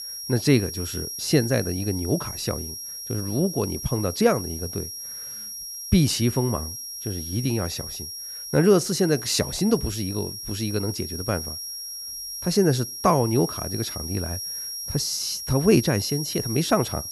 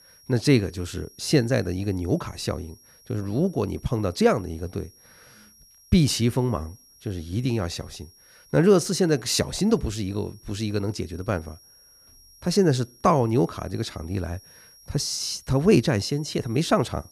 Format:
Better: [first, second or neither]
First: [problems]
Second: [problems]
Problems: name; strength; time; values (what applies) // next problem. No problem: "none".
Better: second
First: high-pitched whine; loud; throughout; 5.5 kHz, 7 dB below the speech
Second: high-pitched whine; faint; throughout; 5.5 kHz, 25 dB below the speech